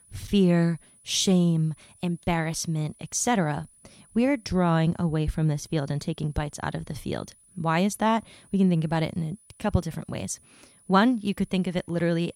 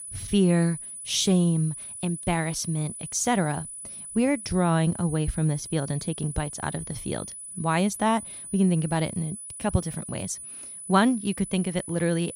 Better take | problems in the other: first | high-pitched whine; loud; throughout; 10 kHz, 10 dB below the speech; faint in the first

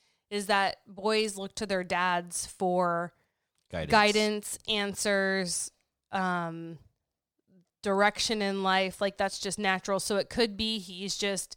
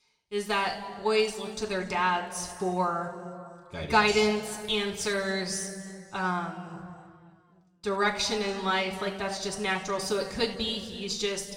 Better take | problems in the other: first | room echo; slight; dies away in 1.9 s // off-mic speech; somewhat distant

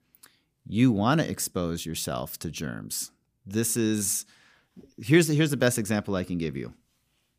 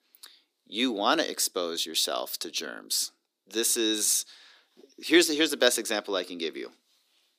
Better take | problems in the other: first | thin; somewhat; fading below 300 Hz

